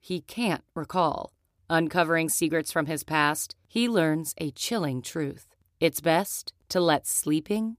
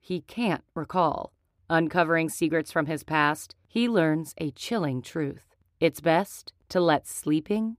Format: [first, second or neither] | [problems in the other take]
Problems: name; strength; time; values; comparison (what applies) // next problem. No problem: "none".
first | muffled; slightly; fading above 4 kHz